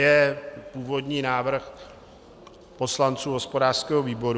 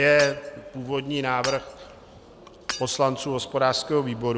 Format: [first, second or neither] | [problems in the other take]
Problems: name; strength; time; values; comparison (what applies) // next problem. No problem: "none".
first | background sound (Shatter / Hammer); 14 dB below the speech